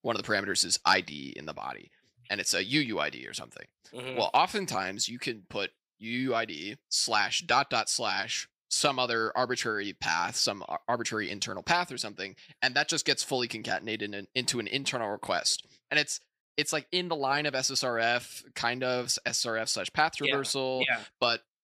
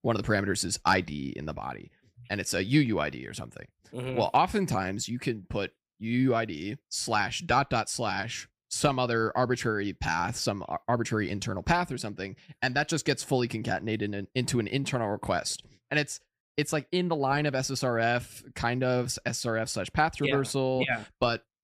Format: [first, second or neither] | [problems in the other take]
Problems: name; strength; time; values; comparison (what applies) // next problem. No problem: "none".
second | thin; very slightly; fading below 950 Hz